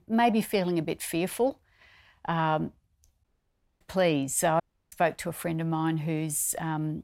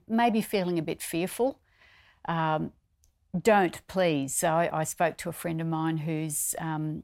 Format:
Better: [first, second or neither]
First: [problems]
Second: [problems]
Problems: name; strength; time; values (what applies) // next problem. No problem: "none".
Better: second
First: audio cutting out; at 3 s for 0.5 s and at 4.5 s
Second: none